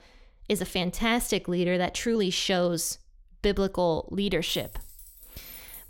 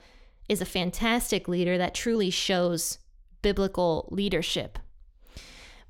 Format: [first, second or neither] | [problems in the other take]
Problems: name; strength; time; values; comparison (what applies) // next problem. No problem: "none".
second | jangling keys; faint; from 4.5 s on; peak 15 dB below the speech